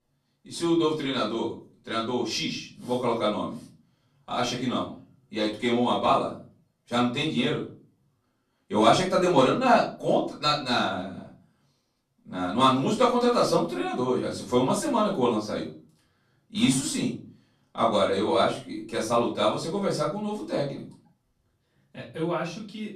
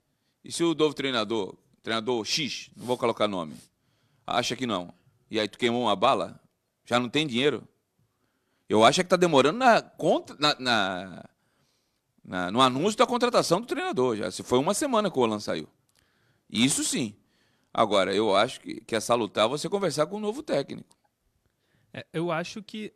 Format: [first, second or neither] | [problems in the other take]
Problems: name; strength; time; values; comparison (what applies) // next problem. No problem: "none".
second | off-mic speech; far // room echo; slight; dies away in 0.3 s